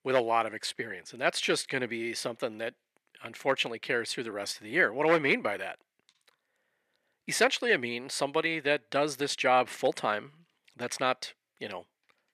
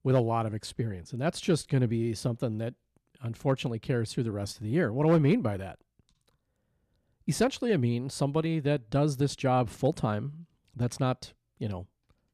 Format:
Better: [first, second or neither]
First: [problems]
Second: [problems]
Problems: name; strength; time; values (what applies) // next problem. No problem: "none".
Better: second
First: thin; very; fading below 500 Hz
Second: none